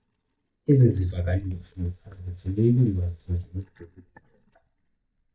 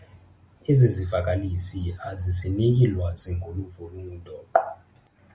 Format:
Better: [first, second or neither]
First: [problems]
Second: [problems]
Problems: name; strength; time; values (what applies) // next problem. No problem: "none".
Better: second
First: noise reduction (neural mask model DeepFilterNet 3)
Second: none